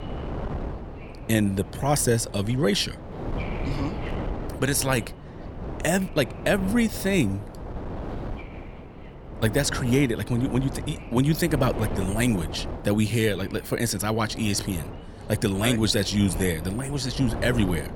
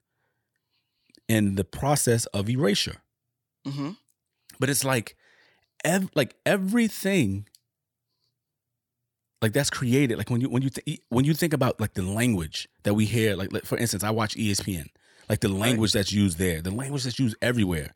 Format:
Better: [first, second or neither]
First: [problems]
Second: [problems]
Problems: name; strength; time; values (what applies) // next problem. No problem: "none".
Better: second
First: wind noise on the microphone; occasional gusts; 10 dB below the speech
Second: none